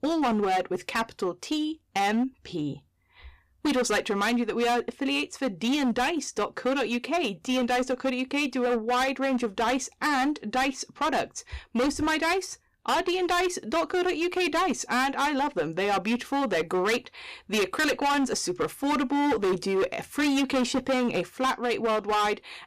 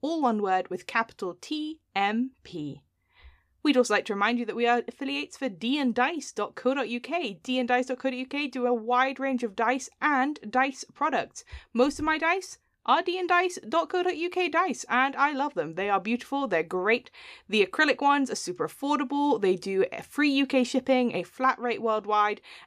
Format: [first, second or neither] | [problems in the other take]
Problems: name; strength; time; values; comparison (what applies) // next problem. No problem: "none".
second | distortion; heavy; 19% of the sound clipped